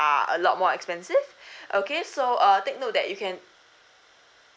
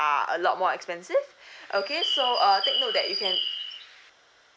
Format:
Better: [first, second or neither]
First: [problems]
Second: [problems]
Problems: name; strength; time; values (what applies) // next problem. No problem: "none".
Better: first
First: none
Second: background sound (Bird); 2 dB below the speech